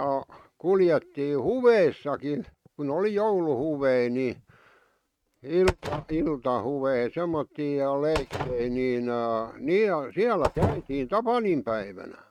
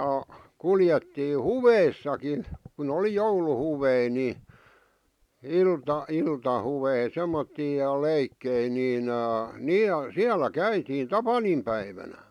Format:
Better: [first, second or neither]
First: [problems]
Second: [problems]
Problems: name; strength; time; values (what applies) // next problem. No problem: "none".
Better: second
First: noise reduction (neural mask model RNNoise)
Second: none